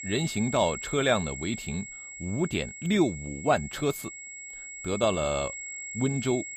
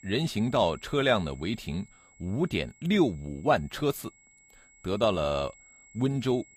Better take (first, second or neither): second